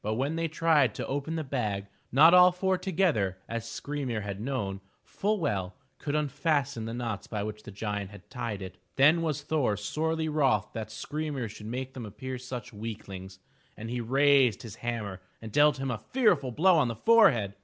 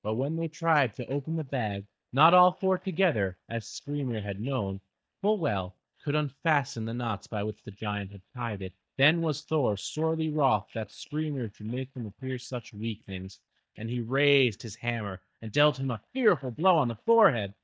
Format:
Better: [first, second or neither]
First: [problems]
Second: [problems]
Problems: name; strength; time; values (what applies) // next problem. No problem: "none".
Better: first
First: none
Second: noise reduction (neural mask model DeepFilterNet 3)